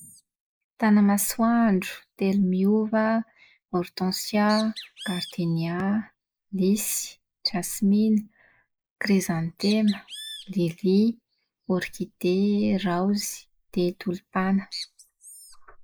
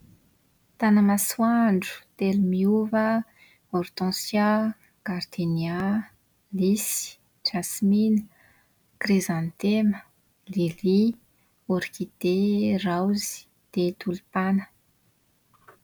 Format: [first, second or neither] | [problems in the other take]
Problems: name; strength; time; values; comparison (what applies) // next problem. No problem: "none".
second | noise reduction (neural mask model Resemble Enhance denoiser)